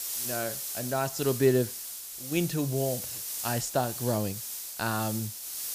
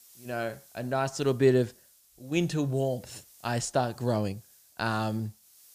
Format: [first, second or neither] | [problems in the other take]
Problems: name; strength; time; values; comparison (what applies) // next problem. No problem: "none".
second | hiss; loud; throughout; 4 dB below the speech; faint in the second